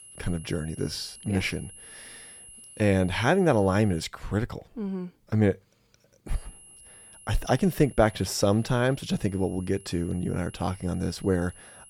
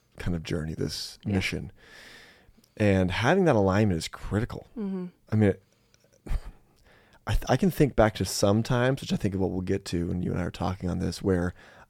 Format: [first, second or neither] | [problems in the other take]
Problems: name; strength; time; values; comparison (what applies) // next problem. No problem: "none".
second | high-pitched whine; noticeable; until 4 s and from 6.5 s on; 10.5 kHz, 20 dB below the speech